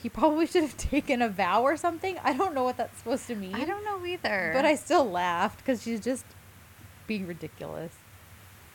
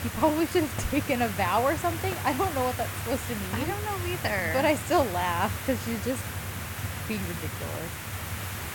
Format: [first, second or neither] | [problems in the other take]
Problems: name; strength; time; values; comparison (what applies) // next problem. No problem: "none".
first | hiss; loud; throughout; 5 dB below the speech; faint in the first